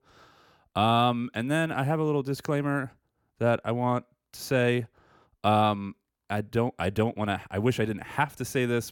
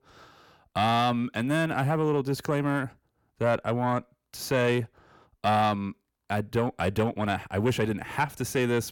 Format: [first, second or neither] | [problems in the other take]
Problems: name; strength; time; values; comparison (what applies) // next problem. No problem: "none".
first | distortion; slight; 10 dB below the speech